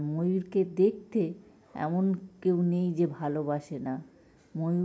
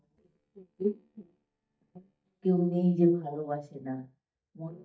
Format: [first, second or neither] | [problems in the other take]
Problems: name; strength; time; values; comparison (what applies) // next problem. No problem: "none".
first | noise reduction (neural mask model DeepFilterNet 3)